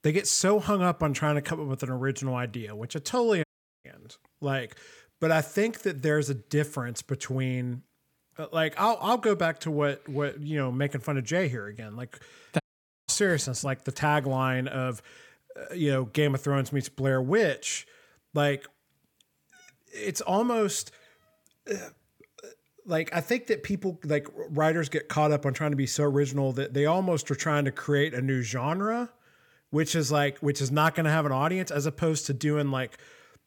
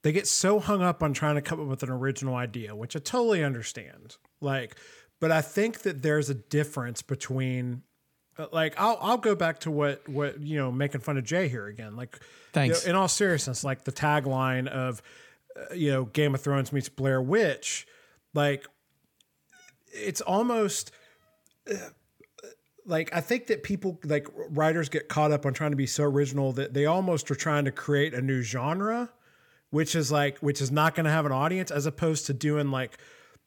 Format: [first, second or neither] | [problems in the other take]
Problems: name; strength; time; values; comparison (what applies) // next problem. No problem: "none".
second | audio cutting out; at 3.5 s and at 13 s